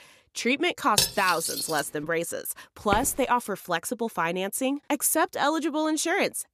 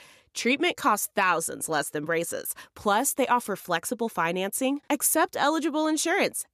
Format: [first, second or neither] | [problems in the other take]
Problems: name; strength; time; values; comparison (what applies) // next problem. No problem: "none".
second | clattering dishes; loud; at 1 s; peak 2 dB above the speech // footsteps; noticeable; at 3 s; peak 8 dB below the speech